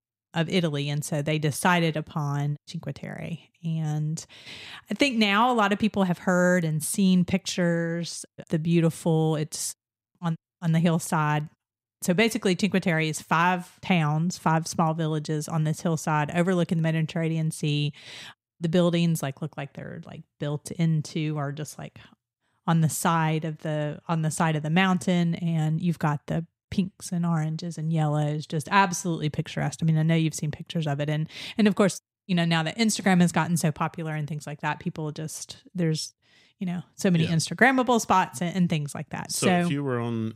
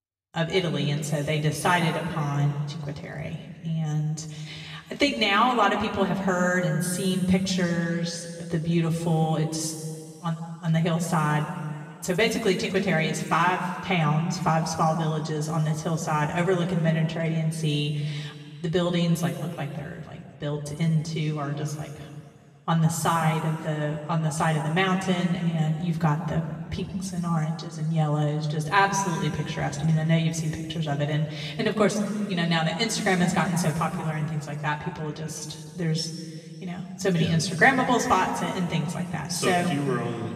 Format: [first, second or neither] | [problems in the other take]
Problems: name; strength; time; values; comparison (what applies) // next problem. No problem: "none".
first | room echo; noticeable; dies away in 2.1 s // off-mic speech; far